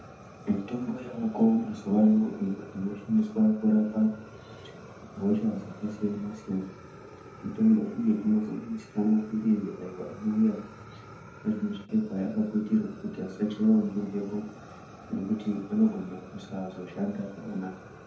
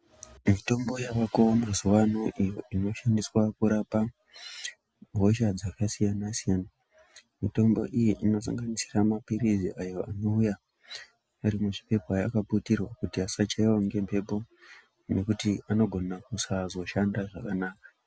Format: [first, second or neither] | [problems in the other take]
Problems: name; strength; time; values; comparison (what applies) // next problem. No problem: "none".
second | background sound (Fire); 18 dB below the speech // room echo; dies away in 0.6 s